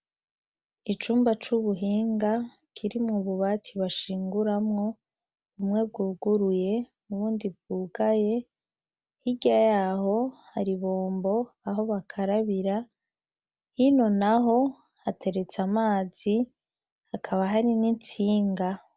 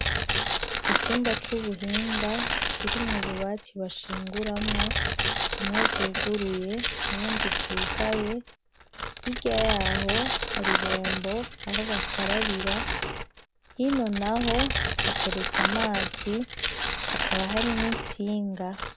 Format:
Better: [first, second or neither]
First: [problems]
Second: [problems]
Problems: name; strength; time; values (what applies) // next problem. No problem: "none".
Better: first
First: none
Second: background sound (Tearing); 2 dB above the speech